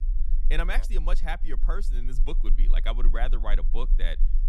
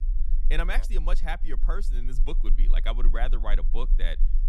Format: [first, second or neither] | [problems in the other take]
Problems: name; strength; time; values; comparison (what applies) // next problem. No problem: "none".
neither | low rumble; faint; throughout; 20 dB below the speech; the same in both